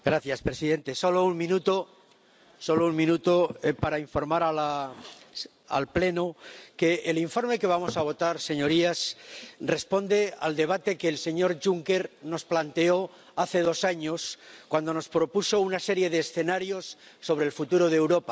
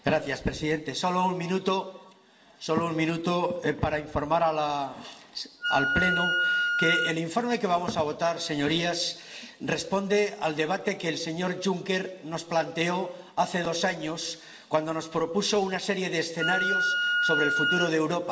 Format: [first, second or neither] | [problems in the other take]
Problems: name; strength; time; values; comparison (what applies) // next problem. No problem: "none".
first | background sound (Wind instrument, woodwind instrument); as loud as the speech // room echo; dies away in 1 s